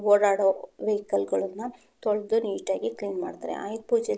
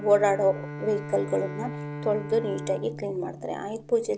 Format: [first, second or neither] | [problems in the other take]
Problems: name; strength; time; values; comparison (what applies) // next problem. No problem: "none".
first | background sound (Bowed string instrument); 10 dB below the speech